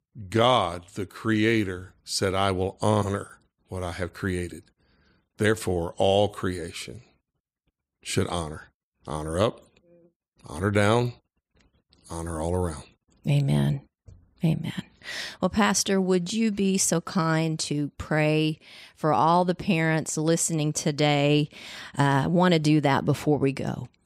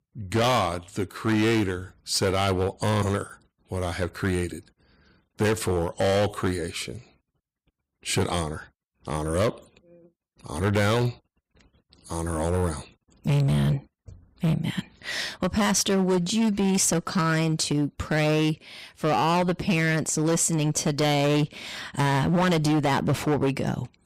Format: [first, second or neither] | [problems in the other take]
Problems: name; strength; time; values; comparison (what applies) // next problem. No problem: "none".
first | distortion; heavy; 12% of the sound clipped